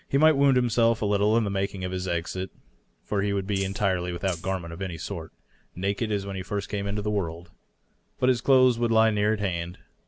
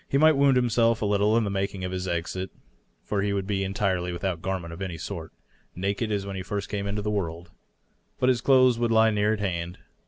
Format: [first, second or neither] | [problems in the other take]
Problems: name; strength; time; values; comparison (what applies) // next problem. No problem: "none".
second | background sound (Rattle (instrument)); 15 dB below the speech